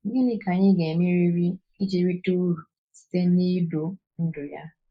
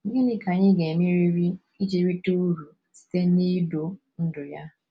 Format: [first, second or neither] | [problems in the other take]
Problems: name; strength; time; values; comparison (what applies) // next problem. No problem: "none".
second | noise reduction (neural mask model Resemble Enhance denoiser)